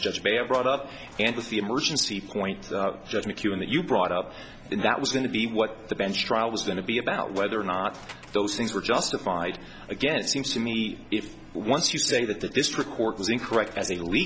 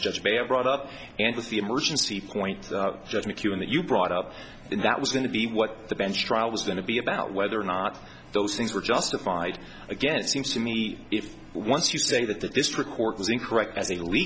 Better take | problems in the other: second | background sound (Tools); 19 dB below the speech

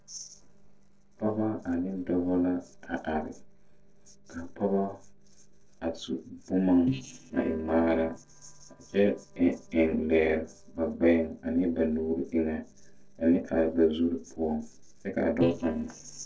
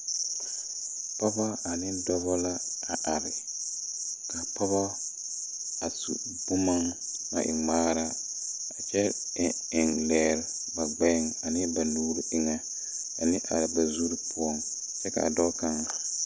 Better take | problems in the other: second | noise reduction (neural separator model SepFormer DNS4)

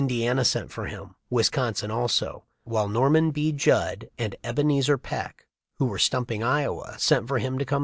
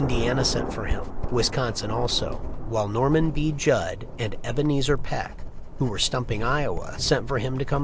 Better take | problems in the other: first | background sound (Writing + Thunder); 3 dB below the speech

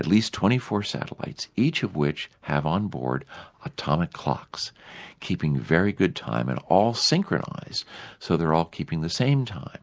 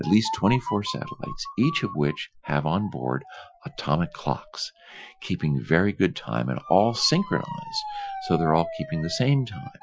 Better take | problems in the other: first | noise reduction (classical method Wiener filter)

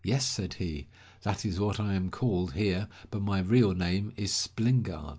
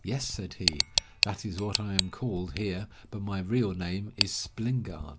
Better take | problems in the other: first | background sound (Tick); 2 dB below the speech

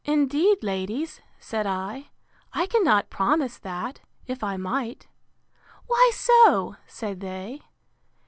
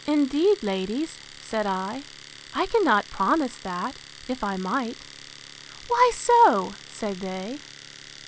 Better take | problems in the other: first | background sound (Domestic sounds, home sounds); 19 dB below the speech

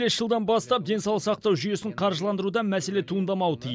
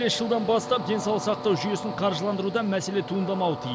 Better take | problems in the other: first | background sound (Train); 9 dB below the speech

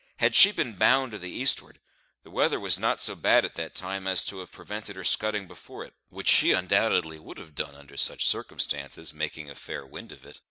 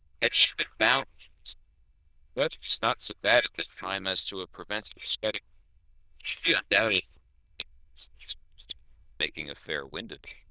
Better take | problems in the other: first | noise reduction (neural diffusion model UNIVERSE++)

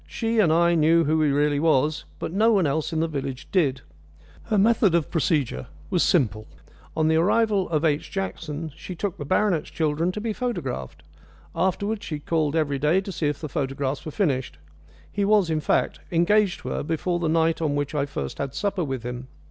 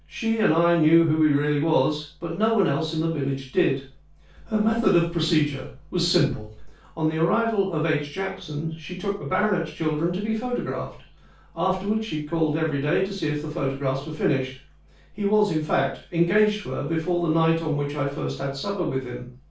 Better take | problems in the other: first | room echo; dies away in 0.3 s

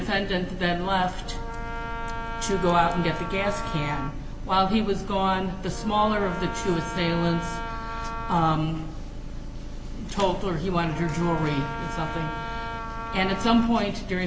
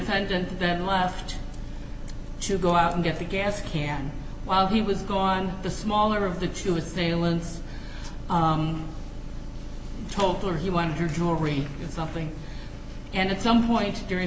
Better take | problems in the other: second | background sound (Wind instrument, woodwind instrument); 9 dB below the speech

